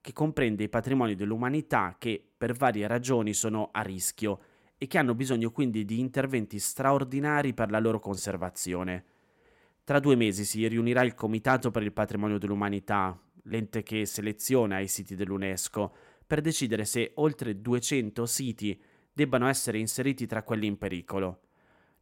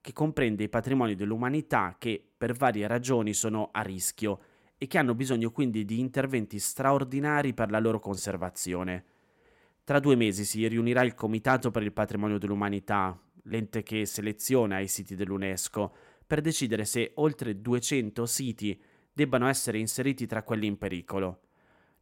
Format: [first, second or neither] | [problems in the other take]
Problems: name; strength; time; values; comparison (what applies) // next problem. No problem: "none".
neither | none